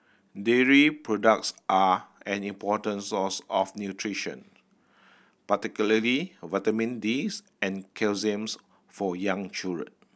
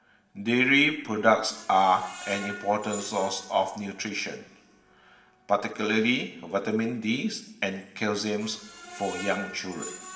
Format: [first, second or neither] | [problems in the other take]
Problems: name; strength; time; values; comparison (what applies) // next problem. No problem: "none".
first | background sound (Screech); 17 dB below the speech // room echo; dies away in 1.5 s